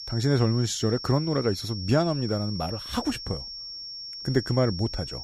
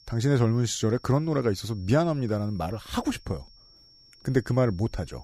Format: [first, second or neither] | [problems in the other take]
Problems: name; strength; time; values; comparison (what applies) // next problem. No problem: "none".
second | high-pitched whine; loud; throughout; 5.5 kHz, 9 dB below the speech; faint in the second